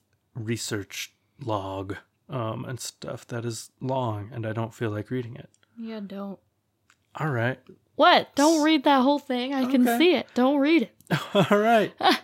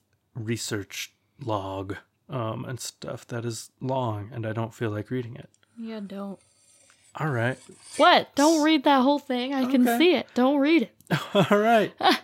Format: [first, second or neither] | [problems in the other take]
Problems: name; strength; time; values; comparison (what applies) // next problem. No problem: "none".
first | clattering dishes; faint; at 7.5 s; peak 15 dB below the speech